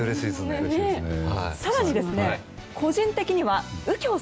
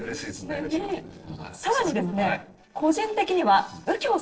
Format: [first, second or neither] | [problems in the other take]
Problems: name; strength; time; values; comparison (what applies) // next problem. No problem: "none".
first | noise reduction (neural separator model SepFormer DNS4)